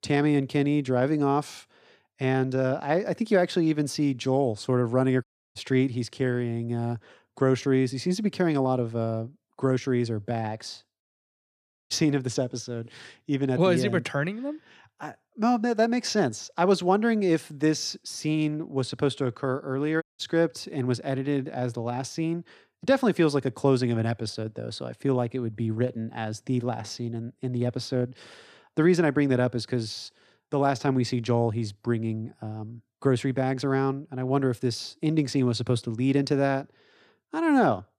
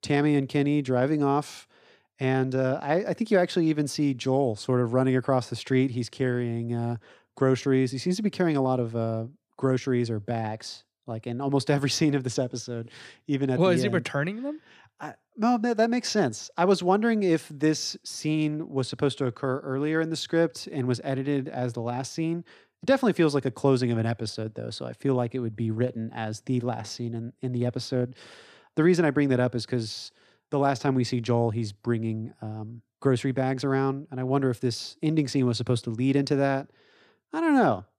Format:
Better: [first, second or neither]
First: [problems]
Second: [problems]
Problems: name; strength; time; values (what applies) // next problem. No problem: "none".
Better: second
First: audio cutting out; at 5 s, at 11 s for 1 s and at 20 s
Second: none